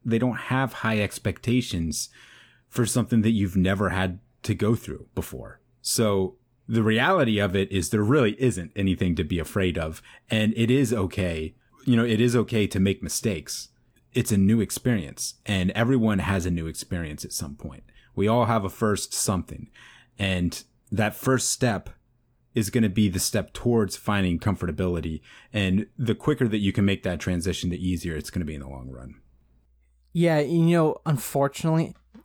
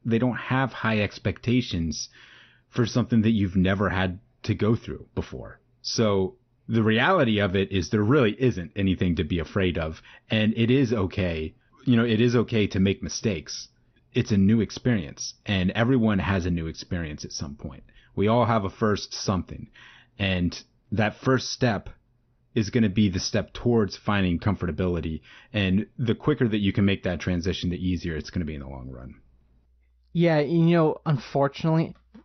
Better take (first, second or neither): first